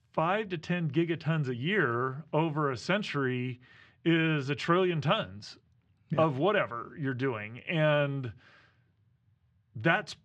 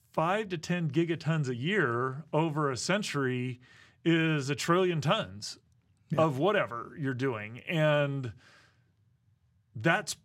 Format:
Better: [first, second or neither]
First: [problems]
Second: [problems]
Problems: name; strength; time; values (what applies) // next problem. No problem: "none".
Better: second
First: muffled; very slightly; fading above 3 kHz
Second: none